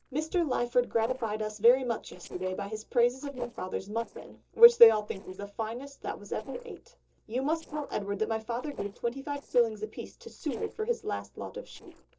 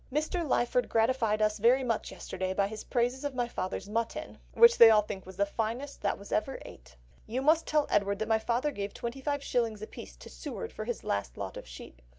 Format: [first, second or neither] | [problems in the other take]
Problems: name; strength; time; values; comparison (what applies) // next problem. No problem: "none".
second | noise reduction (neural separator model SepFormer DNS4)